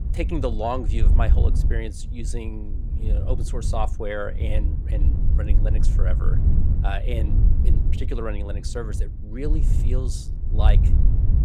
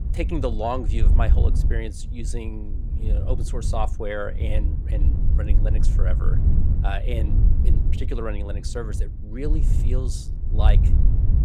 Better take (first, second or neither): neither